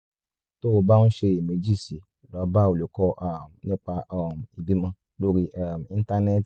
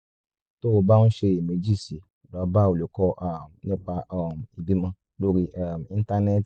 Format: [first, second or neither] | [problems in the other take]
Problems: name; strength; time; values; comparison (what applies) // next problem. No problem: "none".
first | noise reduction (neural mask model Resemble Enhance denoiser)